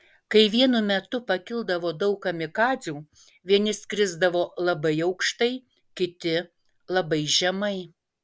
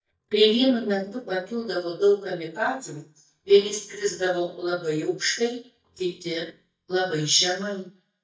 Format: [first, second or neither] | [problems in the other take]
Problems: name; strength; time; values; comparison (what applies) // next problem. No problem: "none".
first | noise reduction (neural mask model DeepFilterNet 3)